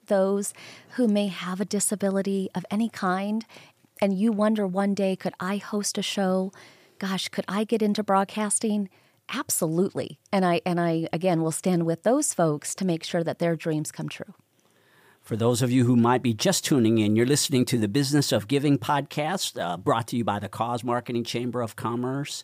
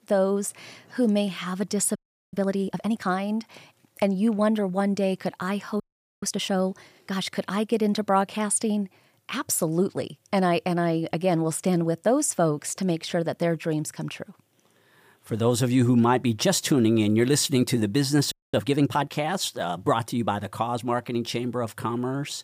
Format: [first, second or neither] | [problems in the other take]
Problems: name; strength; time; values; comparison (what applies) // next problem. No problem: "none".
first | audio freezing; at 2 s, at 6 s and at 18 s